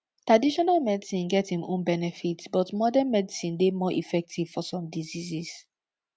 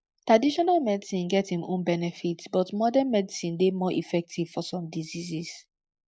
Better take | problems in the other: first | noise reduction (neural mask model Resemble Enhance denoiser)

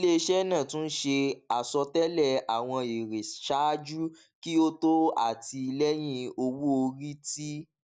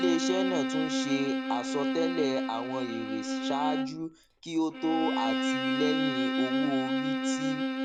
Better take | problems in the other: first | background sound (Bowed string instrument); 2 dB above the speech

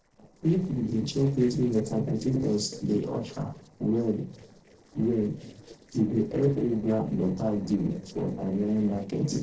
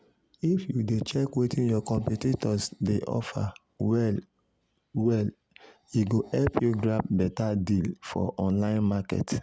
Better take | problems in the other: second | noise reduction (neural separator model SepFormer DNS4)

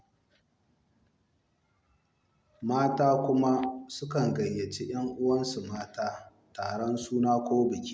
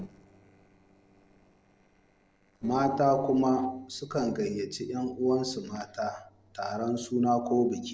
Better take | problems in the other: first | noise reduction (neural separator model SepFormer DNS4)

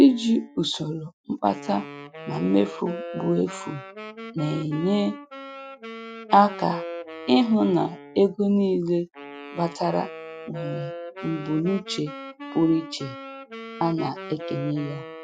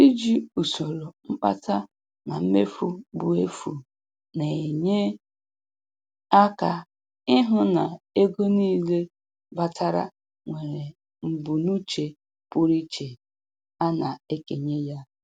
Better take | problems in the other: second | noise reduction (classical method Wiener filter)

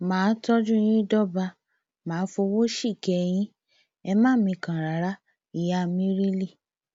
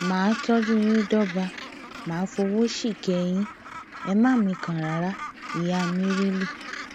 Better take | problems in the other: first | background sound (Gull, seagull); 12 dB below the speech

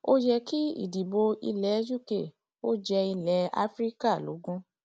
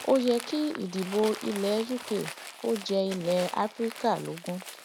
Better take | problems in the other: first | background sound (Crumpling, crinkling); 13 dB below the speech

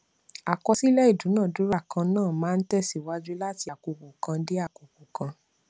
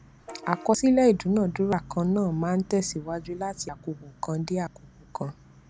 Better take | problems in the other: first | background sound (Bus / Vehicle horn, car horn, honking); 20 dB below the speech

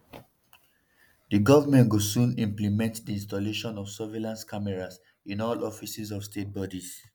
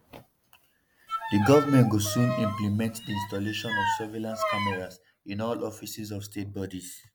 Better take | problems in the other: first | background sound (Bowed string instrument); 4 dB below the speech

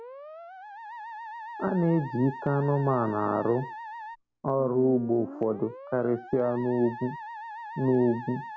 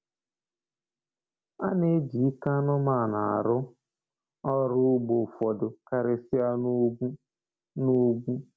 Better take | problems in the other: second | background sound (Musical instrument); 12 dB below the speech

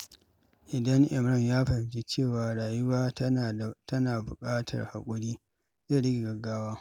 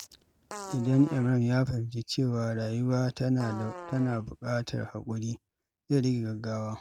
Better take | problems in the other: first | noise reduction (neural mask model RNNoise)

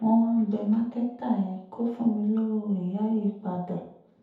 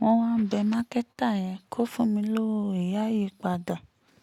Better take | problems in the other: second | room echo; dies away in 0.8 s

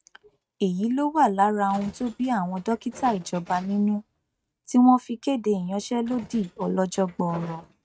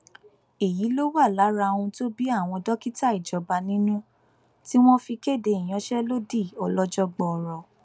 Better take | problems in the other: second | noise reduction (neural mask model RNNoise)

